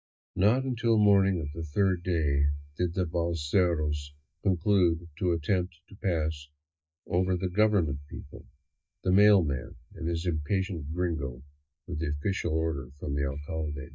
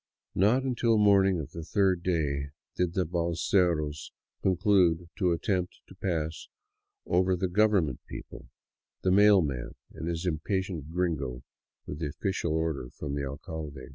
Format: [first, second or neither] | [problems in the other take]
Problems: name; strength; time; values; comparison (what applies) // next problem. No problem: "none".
second | noise reduction (neural mask model DeepFilterNet 3)